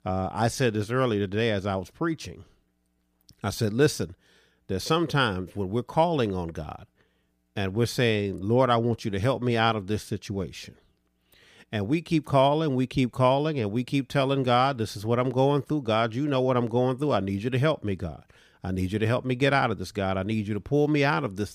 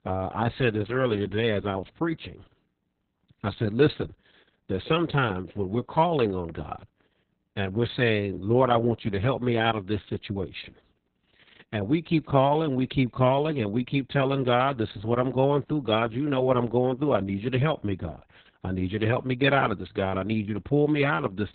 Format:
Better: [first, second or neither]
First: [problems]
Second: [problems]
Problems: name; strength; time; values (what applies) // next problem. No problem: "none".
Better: first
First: none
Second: garbled, watery; badly; nothing above 4 kHz